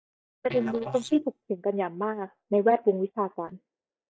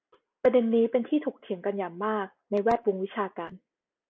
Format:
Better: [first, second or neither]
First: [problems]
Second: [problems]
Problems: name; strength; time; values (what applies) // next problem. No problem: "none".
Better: second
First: noise reduction (neural mask model DeepFilterNet 3)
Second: none